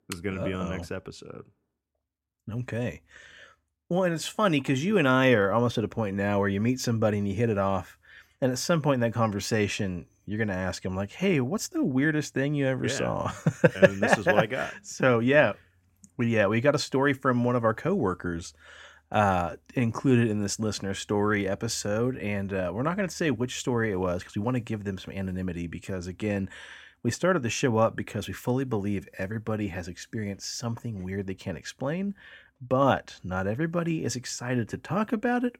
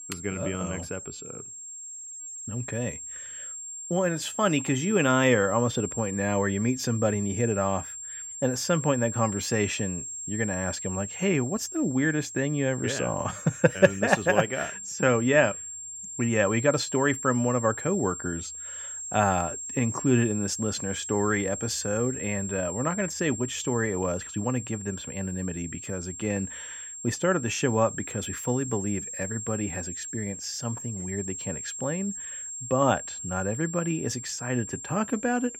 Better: first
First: none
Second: high-pitched whine; loud; throughout; 7.5 kHz, 8 dB below the speech

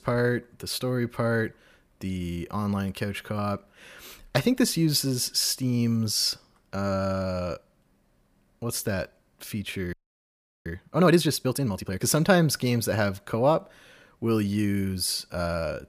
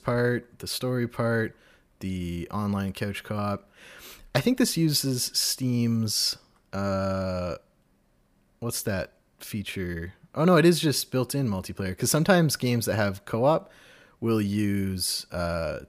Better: second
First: audio freezing; at 10 s for 0.5 s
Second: none

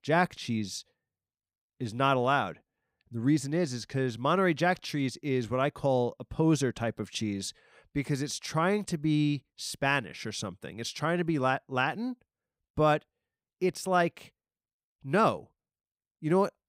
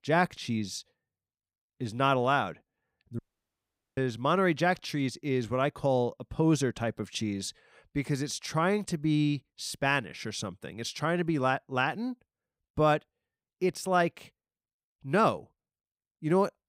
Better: first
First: none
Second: audio cutting out; at 3 s for 1 s

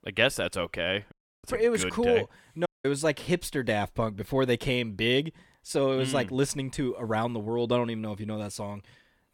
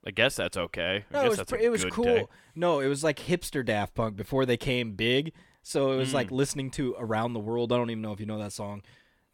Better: second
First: audio cutting out; at 1 s and at 2.5 s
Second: none

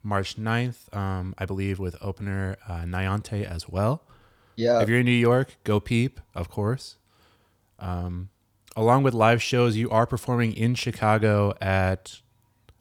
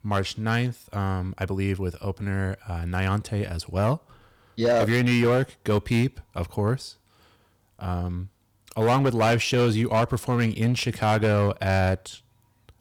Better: first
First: none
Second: distortion; slight; 6% of the sound clipped

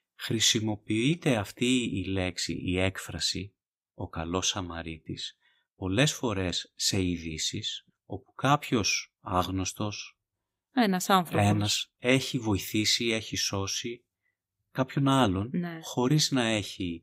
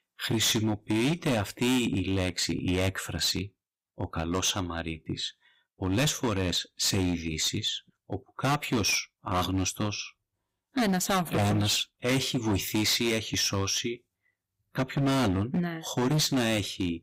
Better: first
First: none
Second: distortion; heavy; 12% of the sound clipped

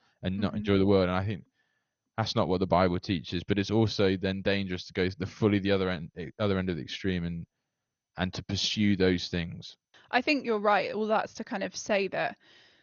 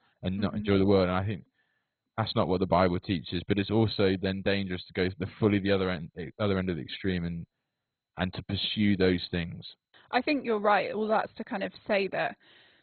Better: first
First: garbled, watery; slightly; nothing above 6.5 kHz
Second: garbled, watery; badly; nothing above 4 kHz

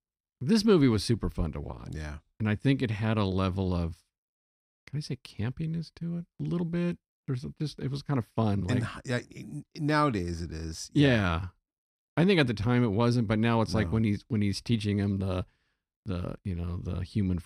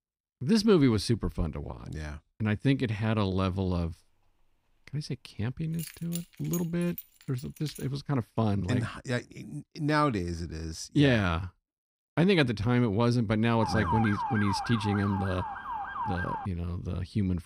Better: first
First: none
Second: jangling keys; faint; from 6 to 8 s; peak 10 dB below the speech // siren; noticeable; from 14 to 16 s; peak 2 dB below the speech

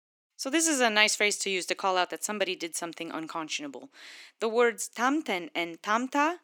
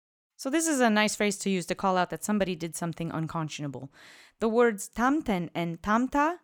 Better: second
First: thin; very slightly; fading below 300 Hz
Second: none

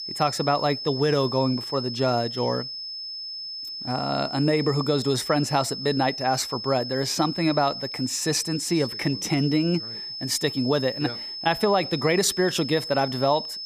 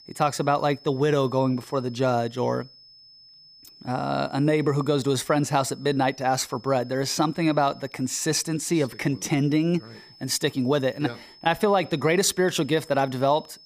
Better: second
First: high-pitched whine; loud; throughout; 5 kHz, 7 dB below the speech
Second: high-pitched whine; faint; throughout; 5 kHz, 25 dB below the speech

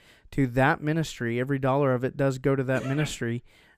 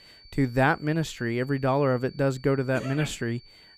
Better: first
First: none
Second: high-pitched whine; faint; throughout; 4.5 kHz, 25 dB below the speech

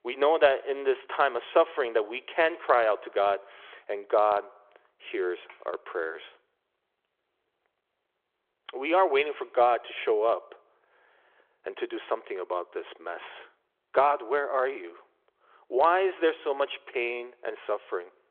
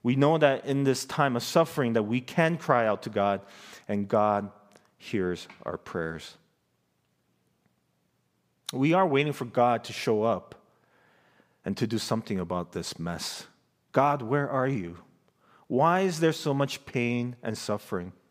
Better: second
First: phone-call audio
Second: none

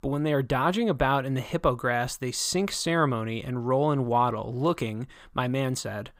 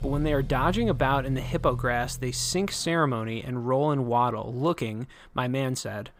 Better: first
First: none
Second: traffic noise; loud; throughout; 10 dB below the speech

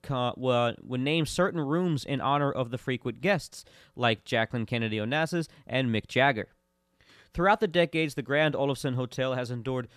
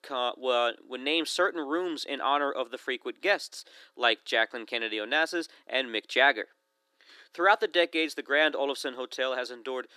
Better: first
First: none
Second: thin; somewhat; fading below 300 Hz

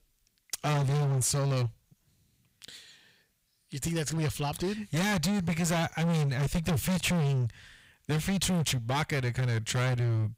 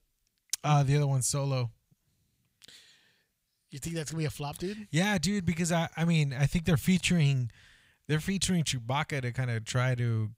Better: second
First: distortion; heavy; 25% of the sound clipped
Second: none

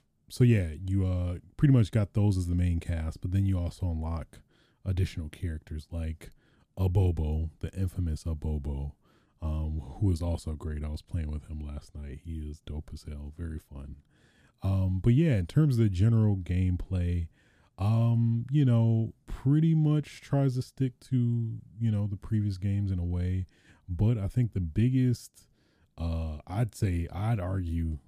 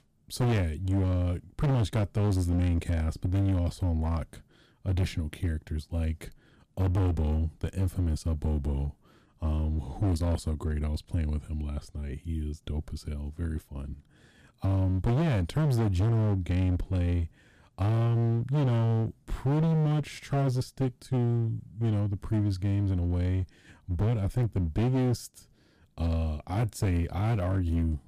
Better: first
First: none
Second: distortion; heavy; 20% of the sound clipped

